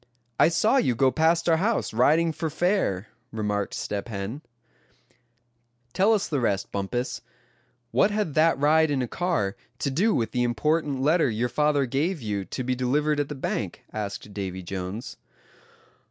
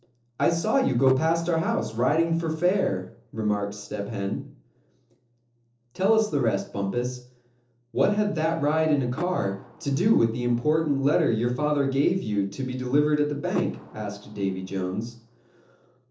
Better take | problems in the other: first | noise reduction (neural separator model SepFormer DNS4)

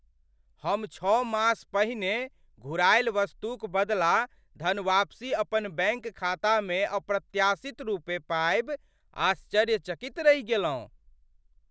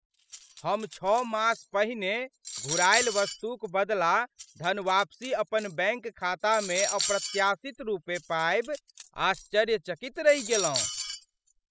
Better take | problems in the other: first | noise reduction (classical method spectral subtraction)

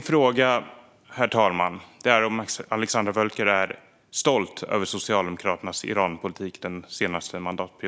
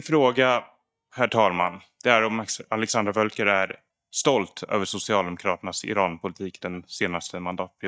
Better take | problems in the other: first | noise reduction (neural mask model DeepFilterNet 3)

